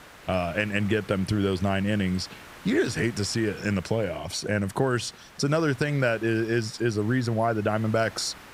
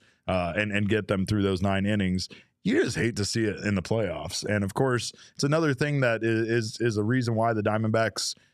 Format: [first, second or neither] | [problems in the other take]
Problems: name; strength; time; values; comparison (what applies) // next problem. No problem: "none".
second | hiss; noticeable; throughout; 20 dB below the speech